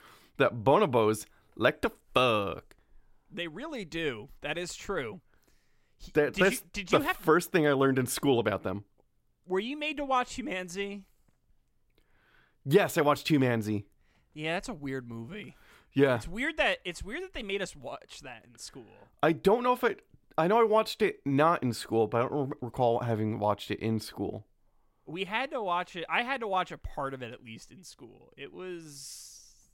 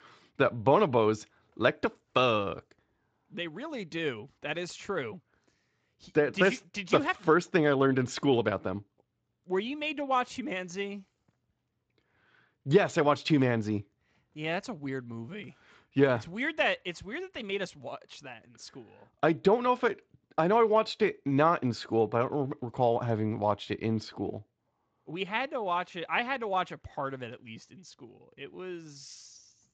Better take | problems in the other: first | garbled, watery; slightly; nothing above 7.5 kHz

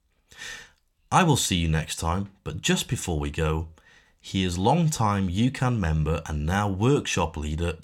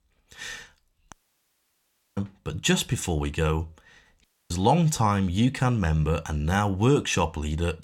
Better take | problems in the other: first | audio cutting out; at 1 s for 1 s and at 4 s

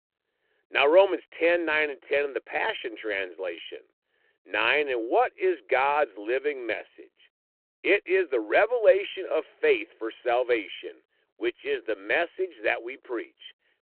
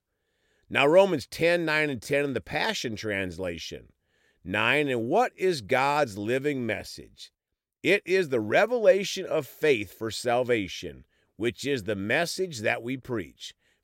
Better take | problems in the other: second | phone-call audio

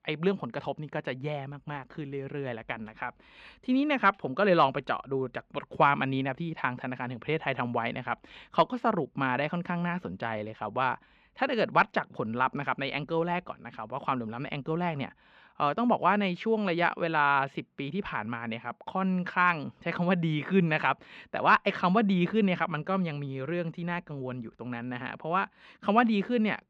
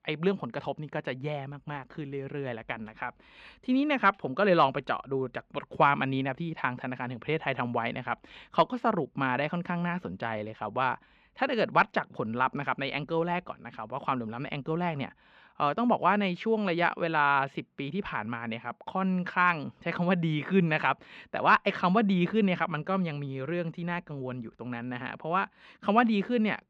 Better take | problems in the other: neither | muffled; very slightly; fading above 2.5 kHz; the same in both

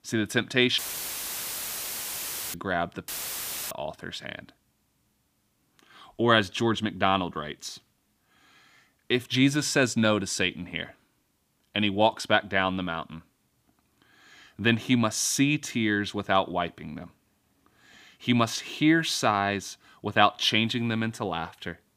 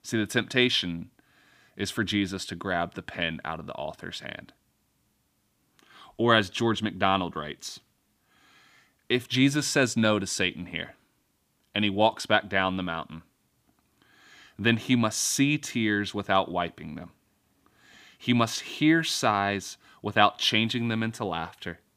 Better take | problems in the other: second | audio cutting out; filled with static; at 1 s for 2 s and at 3 s for 0.5 s

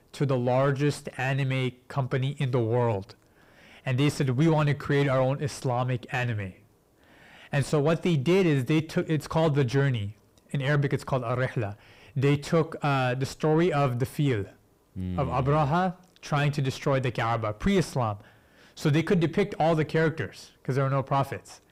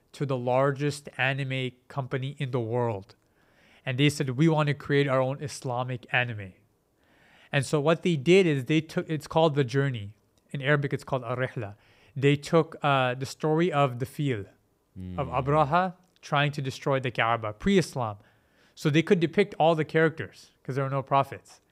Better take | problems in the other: second | distortion; heavy; 7 dB below the speech

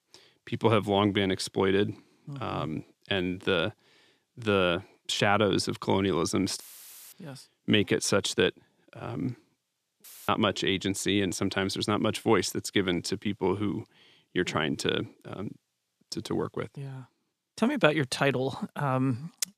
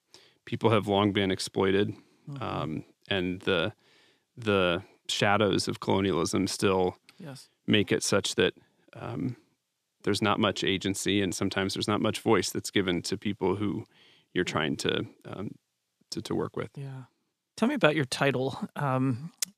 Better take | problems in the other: second | audio cutting out; filled with static; at 6.5 s for 0.5 s and at 10 s

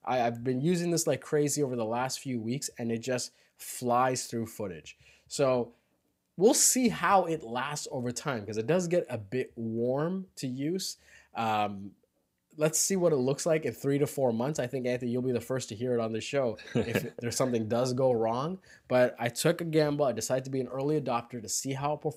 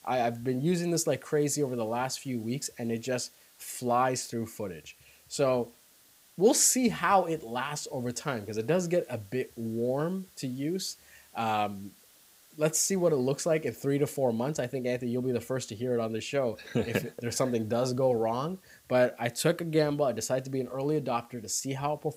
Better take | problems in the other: first | hiss; faint; throughout; 30 dB below the speech

